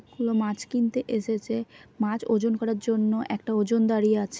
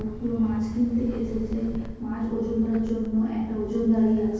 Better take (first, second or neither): first